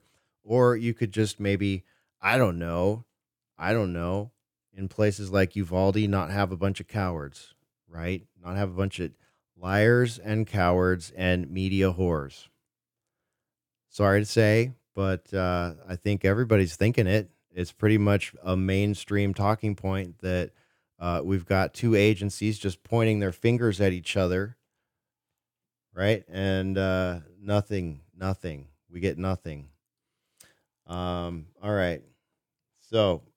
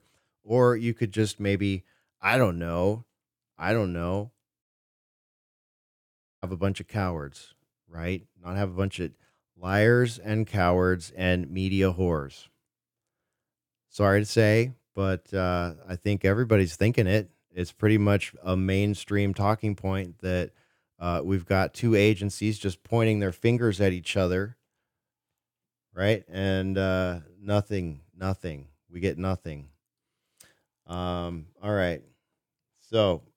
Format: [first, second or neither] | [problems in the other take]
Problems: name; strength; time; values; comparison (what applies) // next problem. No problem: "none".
first | audio cutting out; at 4.5 s for 2 s